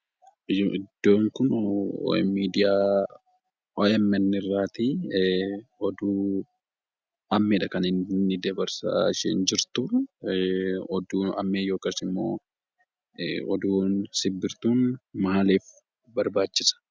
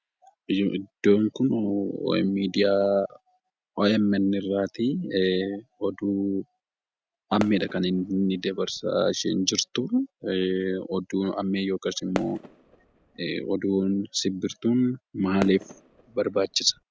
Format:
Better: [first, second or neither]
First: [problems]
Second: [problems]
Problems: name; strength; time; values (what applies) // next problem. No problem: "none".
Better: first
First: none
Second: background sound (Fireworks); 13 dB below the speech